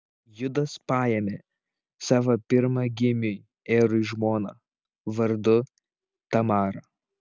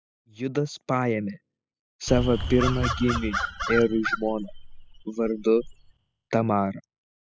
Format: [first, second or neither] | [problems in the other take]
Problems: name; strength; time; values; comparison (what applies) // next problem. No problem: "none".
first | noise reduction (classical method spectral subtraction)